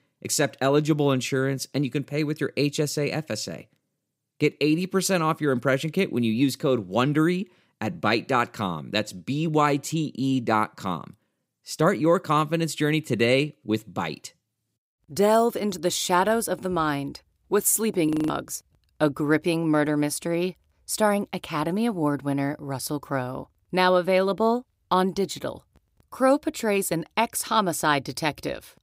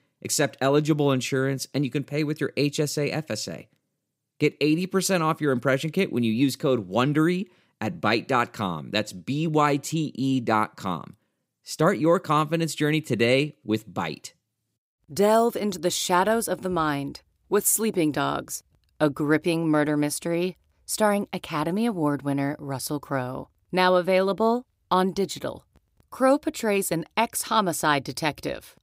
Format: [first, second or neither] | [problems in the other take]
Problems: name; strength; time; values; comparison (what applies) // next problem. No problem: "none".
second | audio freezing; at 18 s